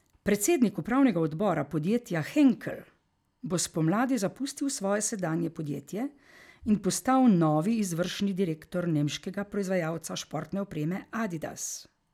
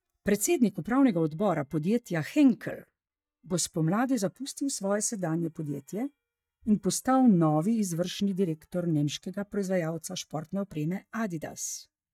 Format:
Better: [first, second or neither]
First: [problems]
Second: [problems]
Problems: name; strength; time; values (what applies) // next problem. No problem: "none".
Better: first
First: none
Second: noise reduction (neural mask model DeepFilterNet 3)